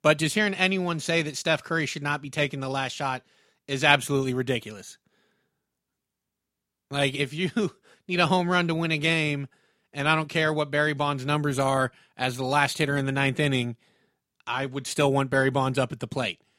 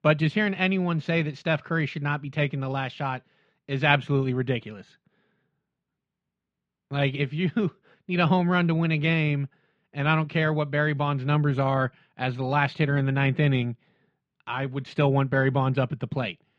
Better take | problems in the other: first | muffled; slightly; fading above 3 kHz

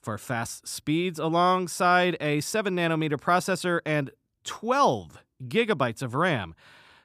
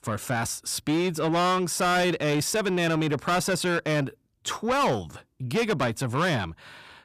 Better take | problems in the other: first | distortion; heavy; 7 dB below the speech

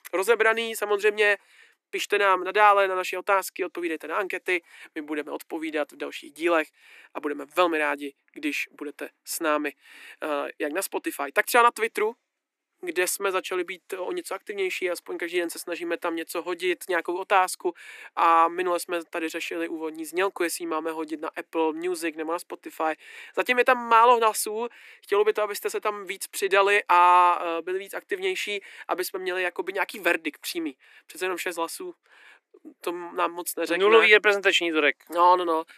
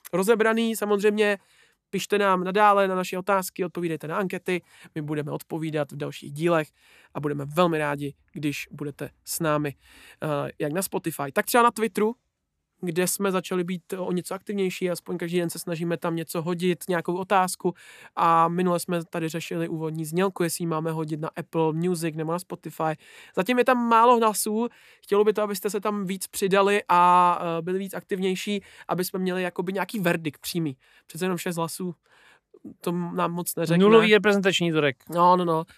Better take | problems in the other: second | thin; very; fading below 300 Hz

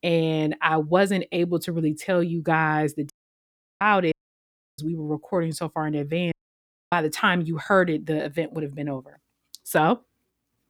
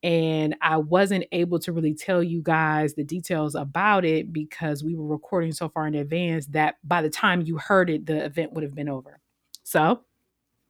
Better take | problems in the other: second | audio cutting out; at 3 s for 0.5 s, at 4 s for 0.5 s and at 6.5 s for 0.5 s

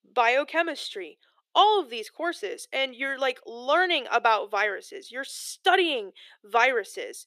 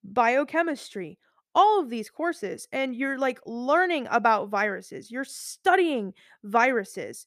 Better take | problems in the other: second | thin; somewhat; fading below 400 Hz

